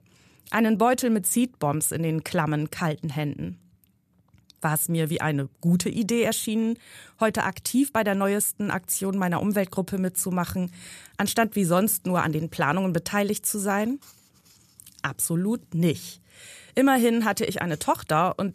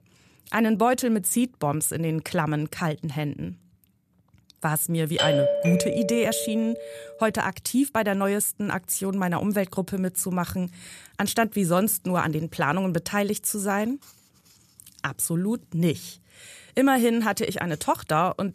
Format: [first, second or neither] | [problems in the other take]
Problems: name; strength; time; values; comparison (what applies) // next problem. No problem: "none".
first | doorbell; loud; from 5 to 7 s; peak 3 dB above the speech